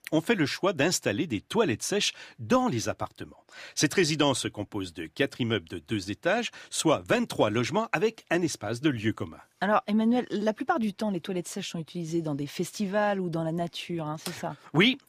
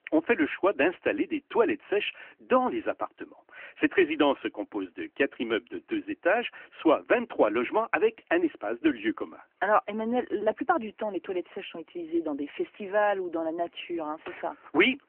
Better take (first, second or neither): first